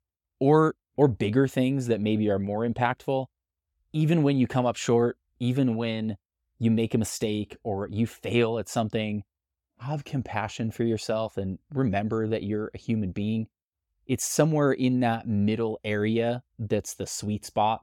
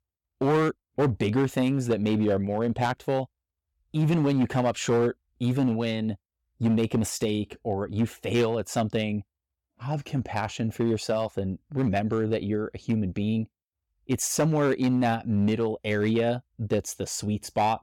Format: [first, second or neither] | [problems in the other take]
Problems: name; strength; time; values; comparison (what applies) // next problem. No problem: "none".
first | distortion; slight; 5% of the sound clipped